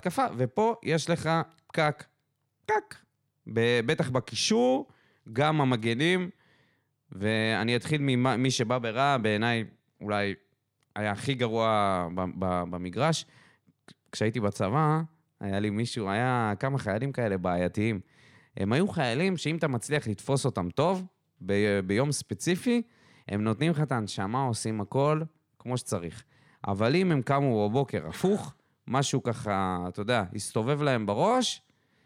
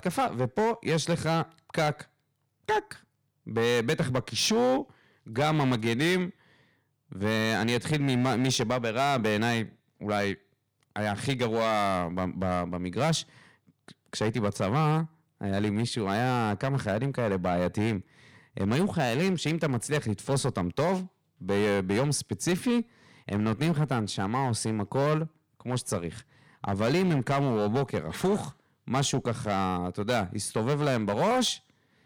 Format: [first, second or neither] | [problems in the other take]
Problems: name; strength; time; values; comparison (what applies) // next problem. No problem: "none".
first | distortion; slight; 8% of the sound clipped